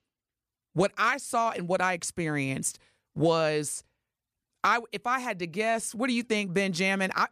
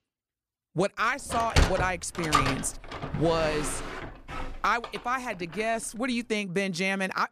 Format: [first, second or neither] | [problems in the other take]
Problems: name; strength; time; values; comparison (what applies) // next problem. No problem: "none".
first | door banging; loud; from 1.5 to 5 s; peak 4 dB above the speech